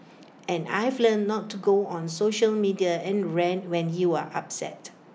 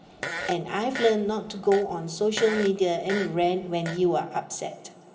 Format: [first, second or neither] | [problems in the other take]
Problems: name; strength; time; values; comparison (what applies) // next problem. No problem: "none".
first | background sound (Fart); 11 dB below the speech // room echo; dies away in 2.8 s